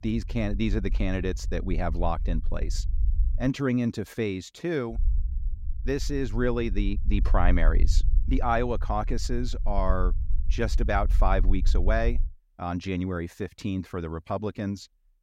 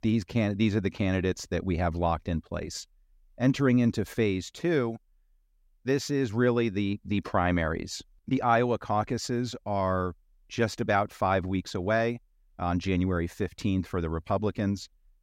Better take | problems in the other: second | low rumble; faint; until 3.5 s and from 5 to 12 s; 20 dB below the speech

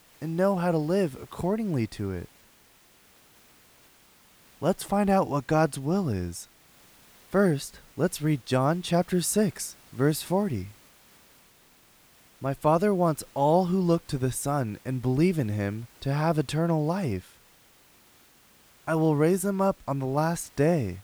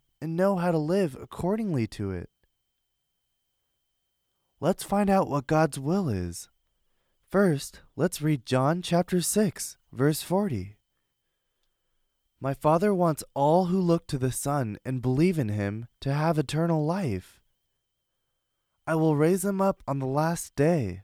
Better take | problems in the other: second | hiss; faint; throughout; 30 dB below the speech

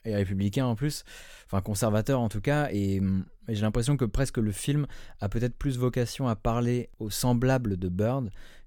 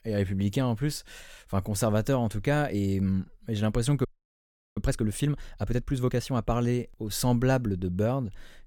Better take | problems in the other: first | audio freezing; at 4 s for 0.5 s

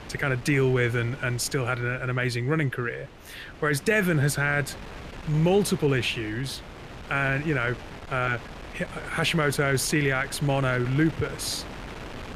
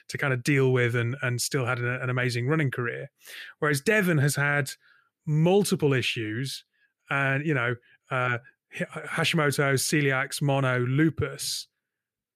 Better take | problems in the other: second | wind noise on the microphone; occasional gusts; 15 dB below the speech

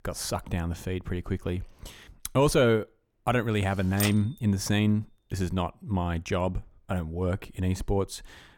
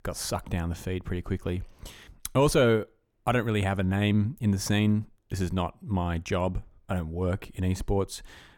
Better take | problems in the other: second | keyboard typing; noticeable; at 4 s; peak 4 dB below the speech

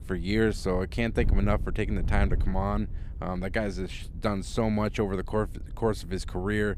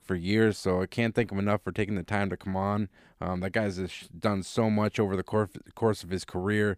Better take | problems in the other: second | wind noise on the microphone; occasional gusts; 20 dB below the speech

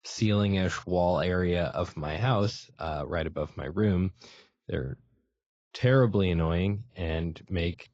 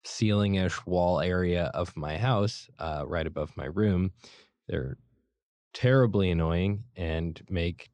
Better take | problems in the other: second | garbled, watery; badly; nothing above 7.5 kHz

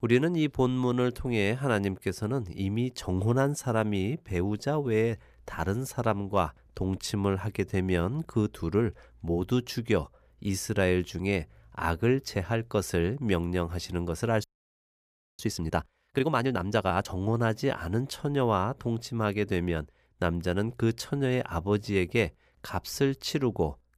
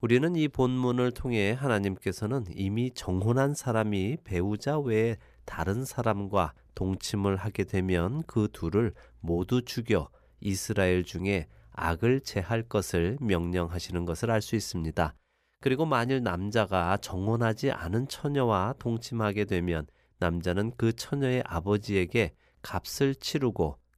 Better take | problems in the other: second | audio freezing; at 14 s for 1 s

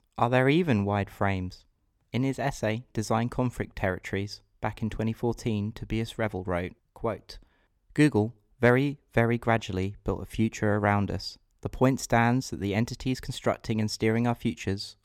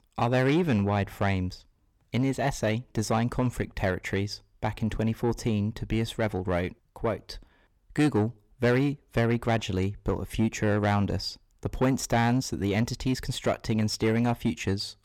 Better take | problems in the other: first | distortion; slight; 10 dB below the speech

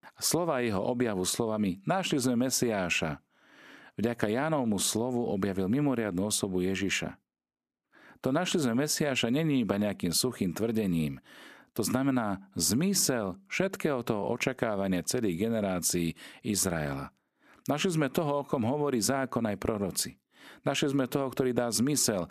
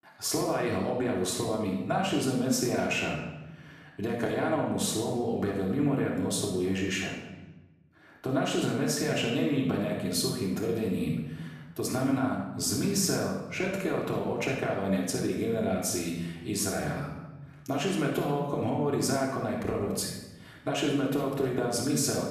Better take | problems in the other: first | room echo; noticeable; dies away in 0.9 s // off-mic speech; far

